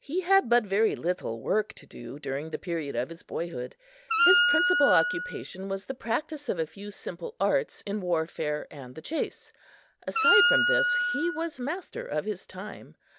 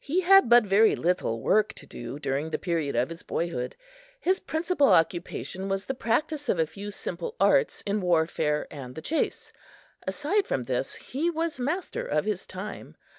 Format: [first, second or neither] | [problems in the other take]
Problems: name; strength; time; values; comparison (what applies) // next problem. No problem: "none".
second | background sound (Wind instrument, woodwind instrument); 4 dB above the speech